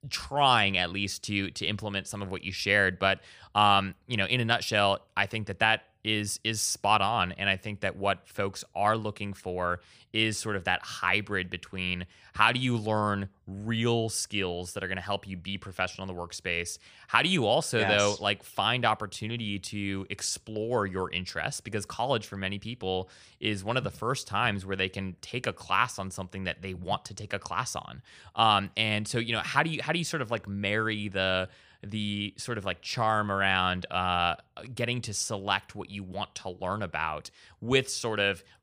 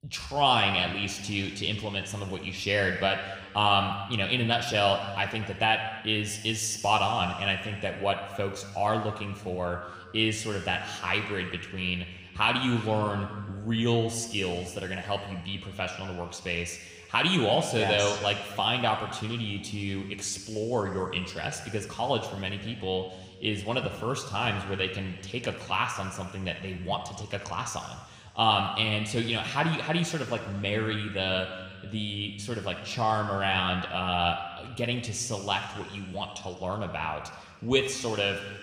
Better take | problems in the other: first | room echo; slight; dies away in 1.9 s

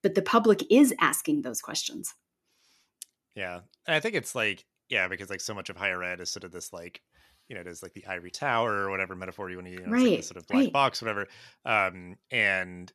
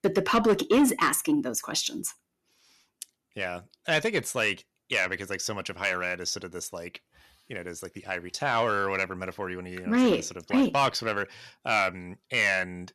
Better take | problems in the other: first | distortion; slight; 10 dB below the speech

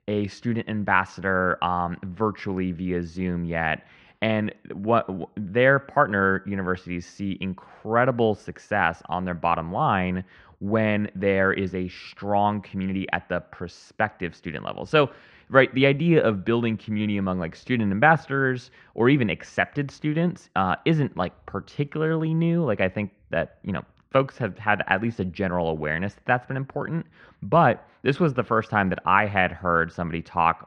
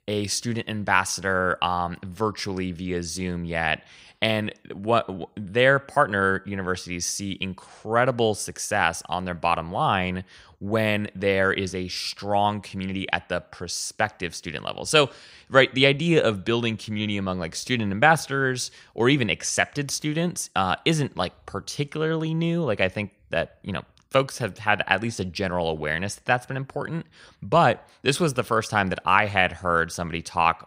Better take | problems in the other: second | muffled; very; fading above 2 kHz

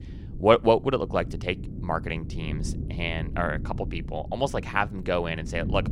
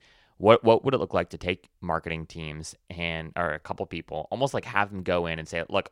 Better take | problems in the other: second | wind noise on the microphone; occasional gusts; 20 dB below the speech

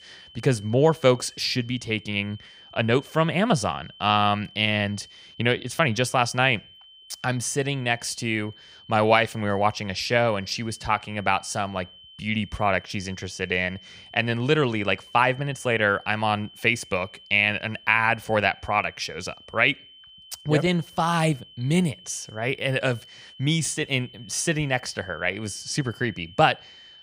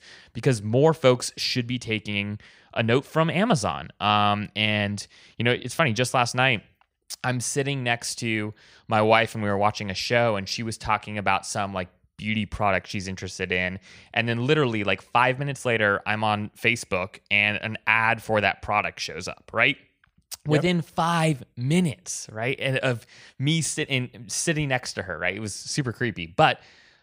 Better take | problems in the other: second | high-pitched whine; faint; throughout; 3 kHz, 20 dB below the speech

